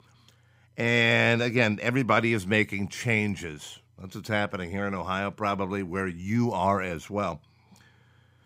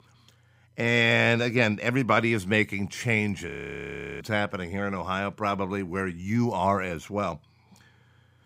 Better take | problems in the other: first | audio freezing; at 3.5 s for 0.5 s

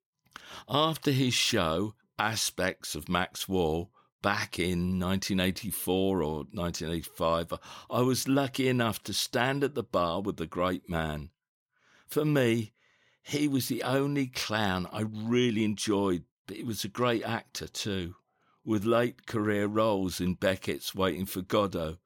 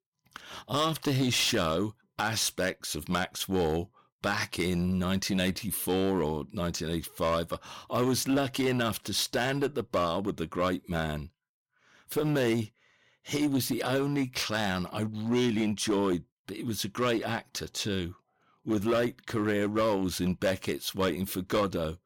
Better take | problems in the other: first | distortion; slight; 7% of the sound clipped

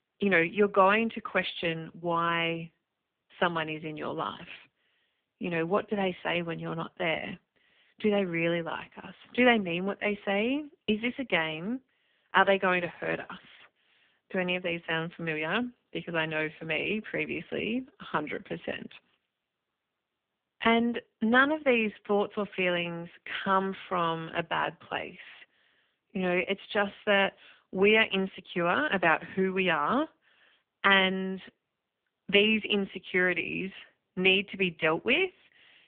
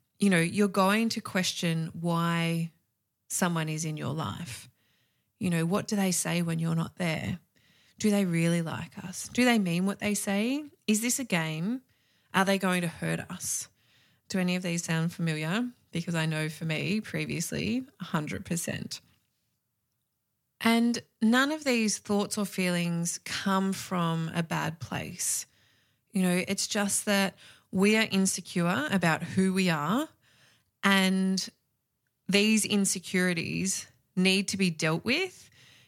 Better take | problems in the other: second | phone-call audio; poor line

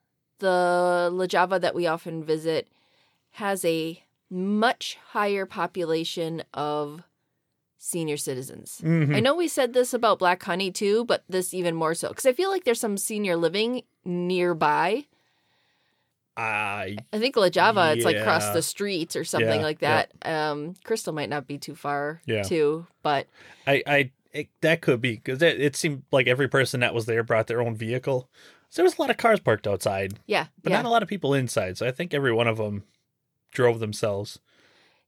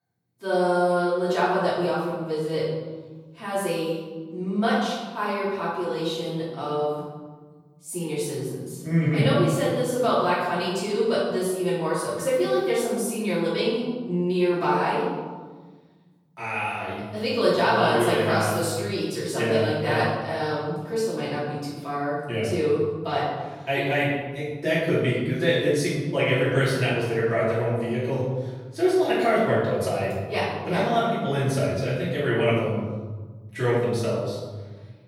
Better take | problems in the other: first | off-mic speech; far // room echo; strong; dies away in 1.8 s

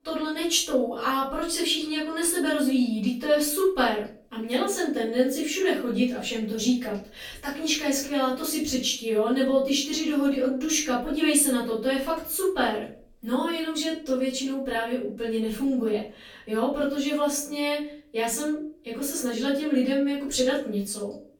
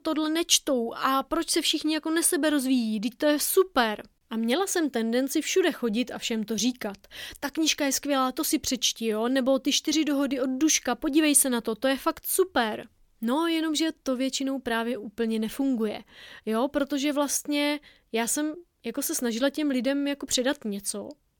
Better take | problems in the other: second | off-mic speech; far // room echo; noticeable; dies away in 0.3 s

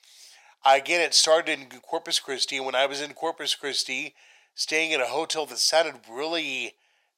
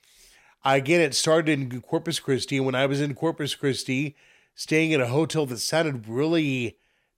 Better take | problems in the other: second | thin; very; fading below 600 Hz

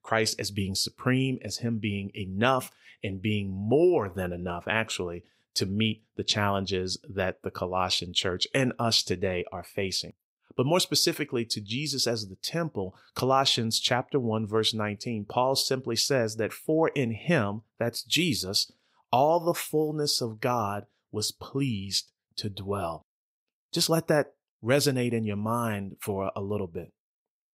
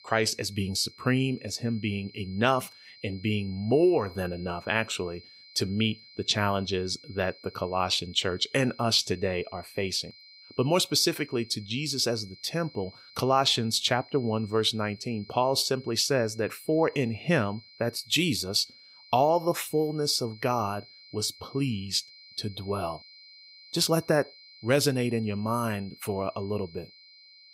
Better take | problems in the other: first | high-pitched whine; faint; throughout; 4 kHz, 20 dB below the speech

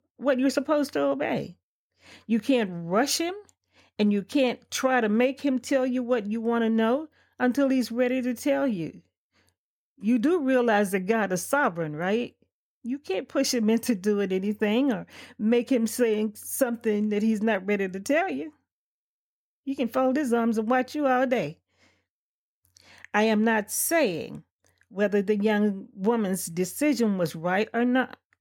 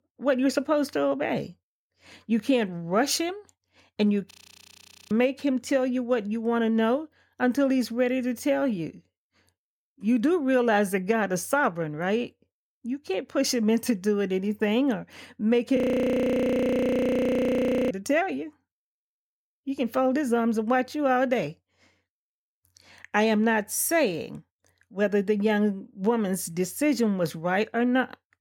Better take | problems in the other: first | audio freezing; at 4.5 s for 1 s and at 16 s for 2 s

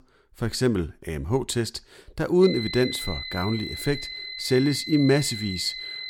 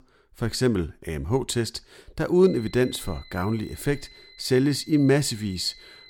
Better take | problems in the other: second | high-pitched whine; loud; from 2.5 s on; 4 kHz, 7 dB below the speech; faint in the second

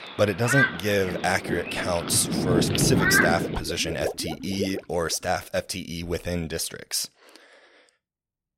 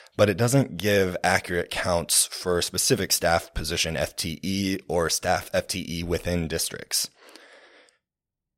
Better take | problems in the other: second | rain or running water; very loud; until 5 s; as loud as the speech

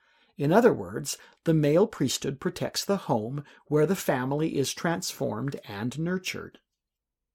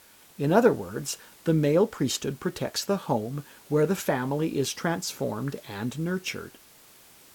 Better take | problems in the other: first | hiss; faint; throughout; 25 dB below the speech

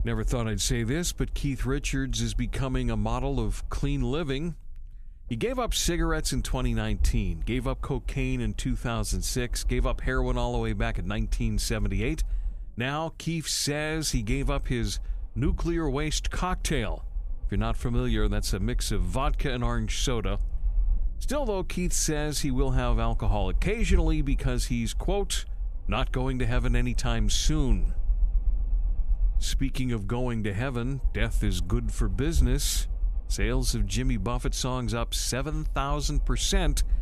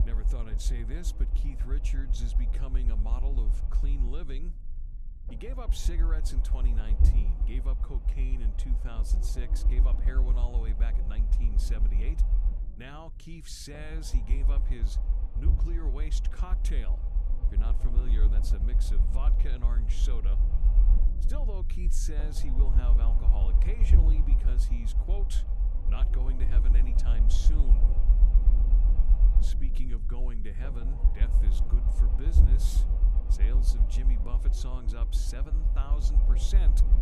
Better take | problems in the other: first | low rumble; loud; throughout; 3 dB below the speech; faint in the first

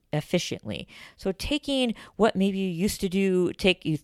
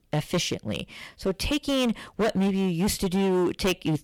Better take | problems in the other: first | distortion; heavy; 15% of the sound clipped

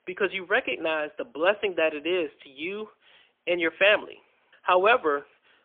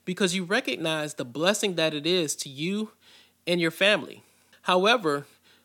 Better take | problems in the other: second | phone-call audio; poor line; nothing above 3.5 kHz

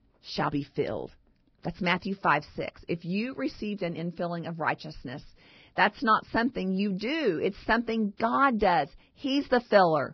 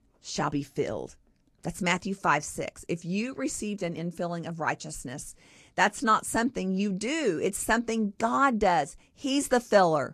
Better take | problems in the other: second | garbled, watery; badly; nothing above 5.5 kHz; slightly in the second

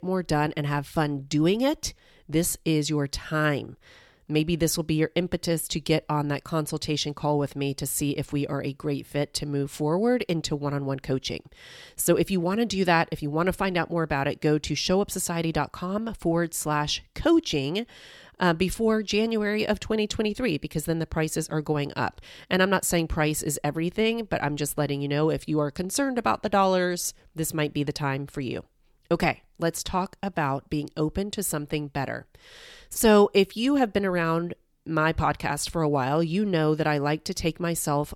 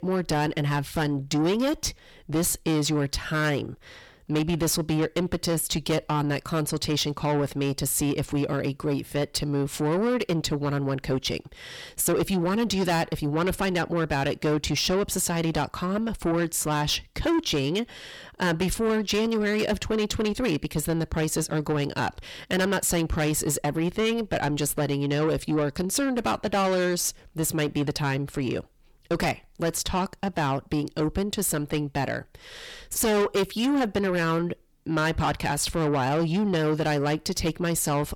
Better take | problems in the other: first | distortion; heavy; 7 dB below the speech

